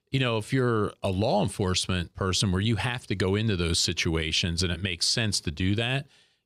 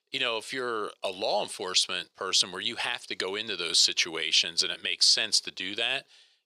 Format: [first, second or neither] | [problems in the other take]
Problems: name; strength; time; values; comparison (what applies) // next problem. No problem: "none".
first | thin; very; fading below 550 Hz